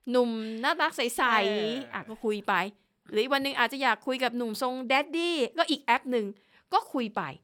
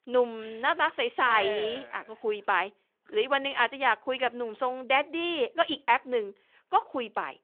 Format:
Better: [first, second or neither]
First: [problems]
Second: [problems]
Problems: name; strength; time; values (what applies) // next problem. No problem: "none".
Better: first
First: none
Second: phone-call audio; nothing above 3.5 kHz